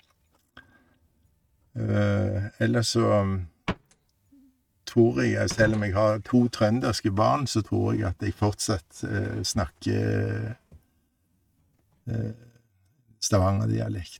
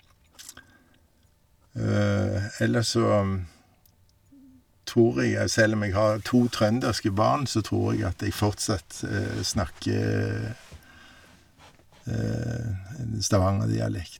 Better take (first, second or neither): second